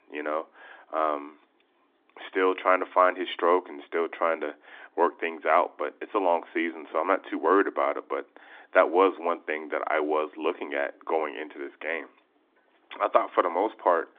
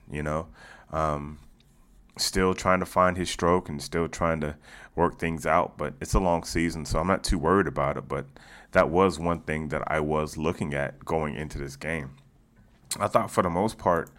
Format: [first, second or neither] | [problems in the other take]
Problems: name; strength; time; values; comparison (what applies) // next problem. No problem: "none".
second | phone-call audio